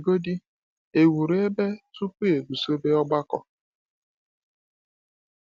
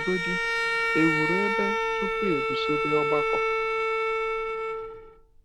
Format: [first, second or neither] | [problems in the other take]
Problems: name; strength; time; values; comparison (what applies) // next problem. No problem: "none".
first | background sound (Bowed string instrument); 5 dB above the speech